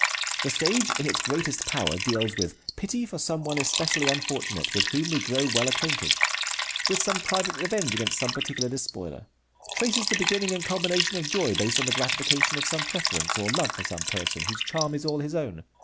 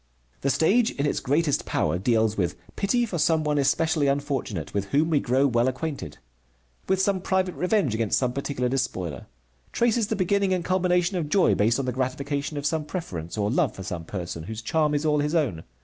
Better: second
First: background sound (Liquid); as loud as the speech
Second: none

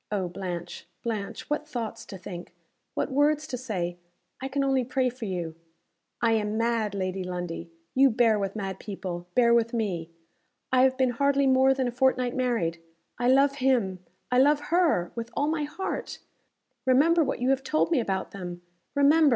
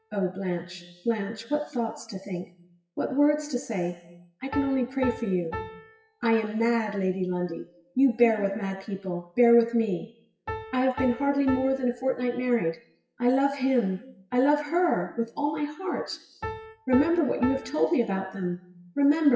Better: first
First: none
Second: noise reduction (classical method WPE with log-MMSE)

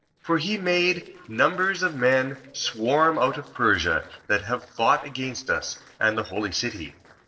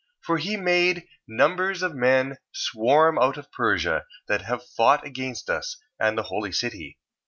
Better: second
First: noise reduction (neural separator model SepFormer DNS4)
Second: none

